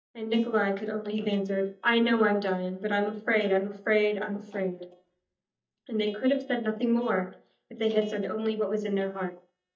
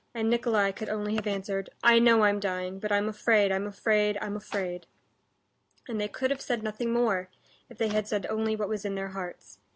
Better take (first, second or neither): second